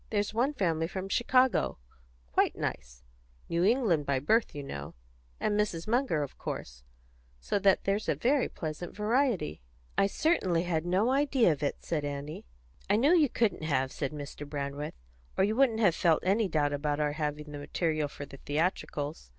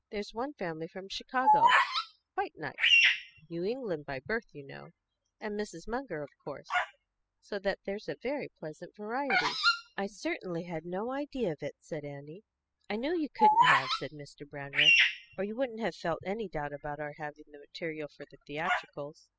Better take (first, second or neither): first